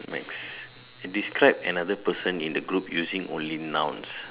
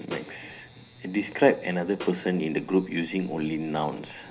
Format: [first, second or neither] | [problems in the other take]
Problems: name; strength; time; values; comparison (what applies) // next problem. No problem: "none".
first | background sound (Snare drum); 18 dB below the speech // room echo; dies away in 0.5 s